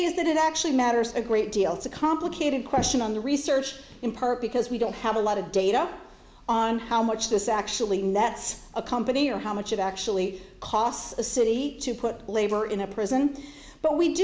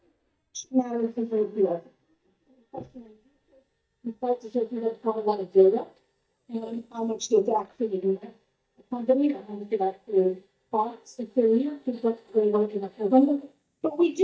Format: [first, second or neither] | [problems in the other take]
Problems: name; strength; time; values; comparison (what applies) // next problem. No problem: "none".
first | noise reduction (neural mask model DeepFilterNet 3)